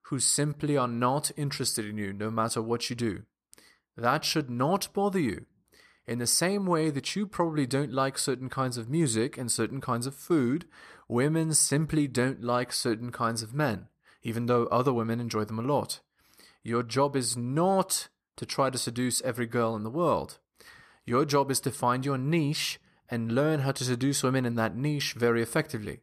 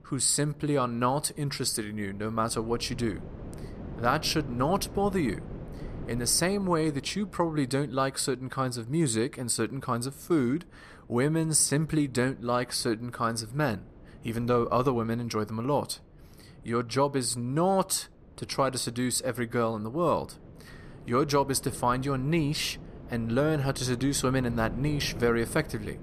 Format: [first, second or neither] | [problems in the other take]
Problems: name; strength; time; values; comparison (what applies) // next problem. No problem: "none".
first | wind noise on the microphone; occasional gusts; 20 dB below the speech